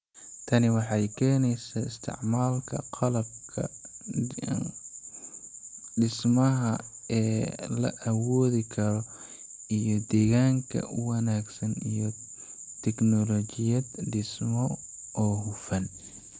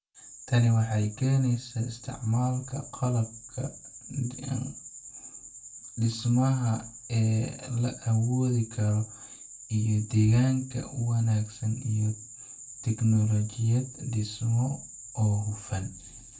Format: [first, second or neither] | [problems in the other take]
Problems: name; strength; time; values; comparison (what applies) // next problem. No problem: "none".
first | room echo; dies away in 0.2 s